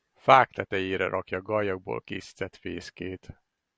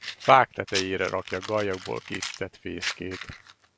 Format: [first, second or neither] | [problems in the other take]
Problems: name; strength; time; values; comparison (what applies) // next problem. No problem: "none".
first | background sound (Fire); 11 dB below the speech